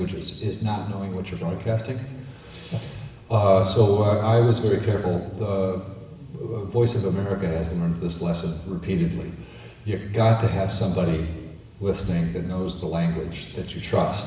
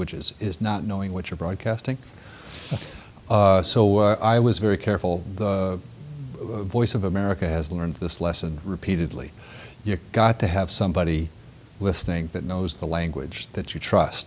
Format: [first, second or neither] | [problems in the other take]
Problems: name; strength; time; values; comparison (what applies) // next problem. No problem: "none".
second | room echo; dies away in 1.1 s